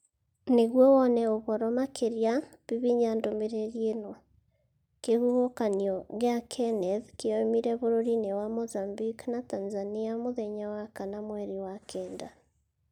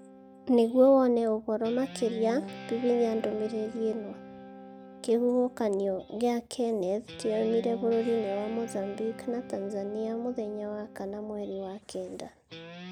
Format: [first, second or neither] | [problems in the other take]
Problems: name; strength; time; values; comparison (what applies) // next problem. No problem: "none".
first | background sound (Guitar); 16 dB below the speech